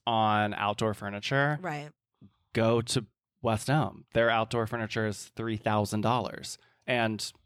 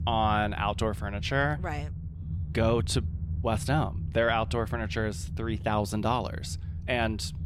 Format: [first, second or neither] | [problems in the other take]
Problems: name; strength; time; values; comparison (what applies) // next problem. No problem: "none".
first | low rumble; faint; throughout; 20 dB below the speech